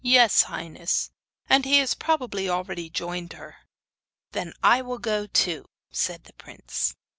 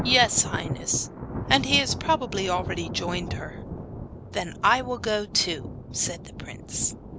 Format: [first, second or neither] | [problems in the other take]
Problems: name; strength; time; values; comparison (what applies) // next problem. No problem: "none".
first | background sound (Thunder); 7 dB below the speech